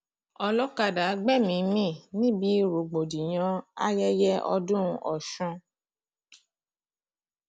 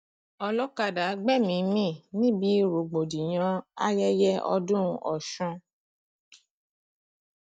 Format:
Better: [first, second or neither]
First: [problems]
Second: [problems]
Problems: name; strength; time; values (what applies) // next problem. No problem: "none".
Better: first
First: none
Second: noise reduction (neural mask model DeepFilterNet 3)